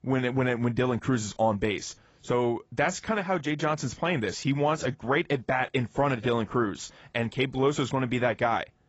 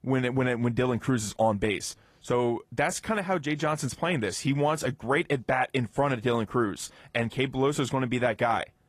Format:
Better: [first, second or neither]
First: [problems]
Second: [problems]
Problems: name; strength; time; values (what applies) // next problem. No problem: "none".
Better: second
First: garbled, watery; badly; nothing above 7.5 kHz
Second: garbled, watery; slightly; nothing above 14.5 kHz